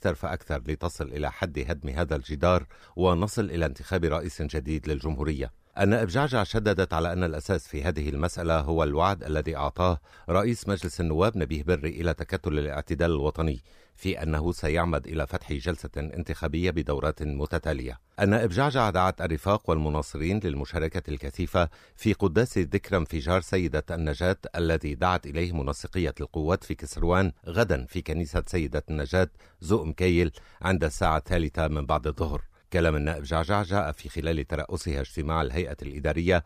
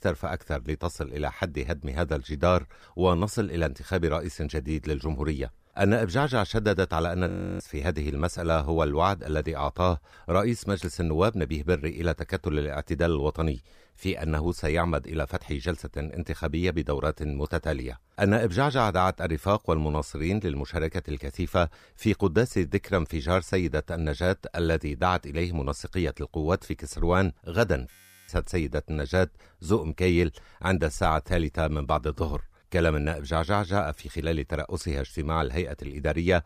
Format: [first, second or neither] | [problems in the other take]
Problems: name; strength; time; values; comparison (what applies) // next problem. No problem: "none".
first | audio freezing; at 7.5 s and at 28 s